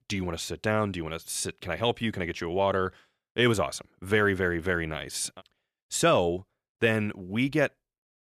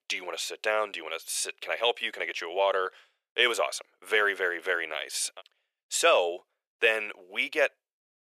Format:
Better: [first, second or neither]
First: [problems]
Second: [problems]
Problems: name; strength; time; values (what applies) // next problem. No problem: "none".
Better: first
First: none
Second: thin; very; fading below 500 Hz